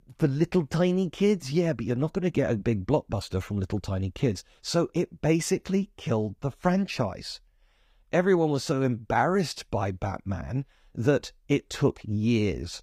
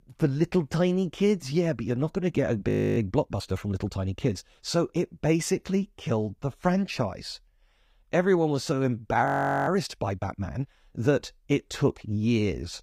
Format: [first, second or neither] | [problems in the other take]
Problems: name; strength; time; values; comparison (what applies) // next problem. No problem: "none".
first | audio freezing; at 2.5 s and at 9.5 s